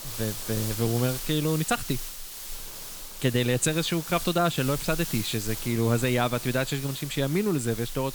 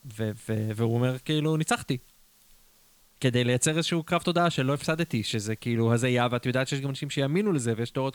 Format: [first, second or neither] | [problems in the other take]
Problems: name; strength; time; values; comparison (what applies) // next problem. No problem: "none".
second | hiss; loud; throughout; 8 dB below the speech; faint in the second